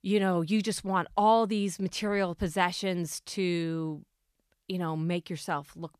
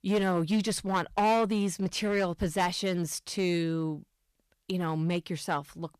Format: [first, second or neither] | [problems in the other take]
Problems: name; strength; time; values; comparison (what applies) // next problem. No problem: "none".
first | distortion; slight; 8% of the sound clipped